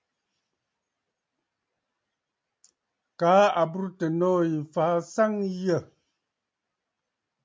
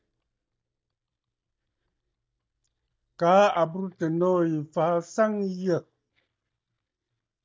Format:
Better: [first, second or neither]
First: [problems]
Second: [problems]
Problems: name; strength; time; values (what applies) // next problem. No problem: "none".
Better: first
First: none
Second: noise reduction (neural mask model DeepFilterNet 3)